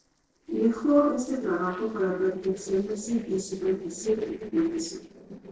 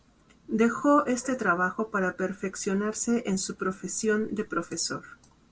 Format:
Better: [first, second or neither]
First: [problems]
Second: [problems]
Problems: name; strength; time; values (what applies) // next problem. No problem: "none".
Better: second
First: noise reduction (neural separator model SepFormer DNS4)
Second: none